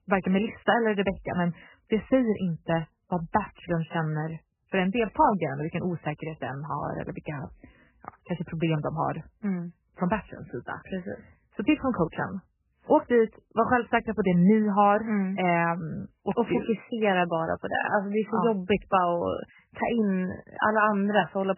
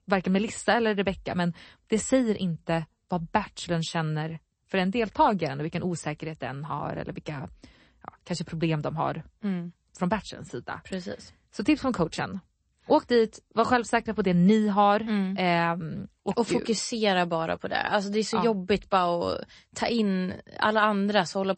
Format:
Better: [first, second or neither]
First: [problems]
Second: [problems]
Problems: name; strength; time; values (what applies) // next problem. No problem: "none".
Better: second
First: garbled, watery; badly; nothing above 3 kHz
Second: garbled, watery; slightly; nothing above 8 kHz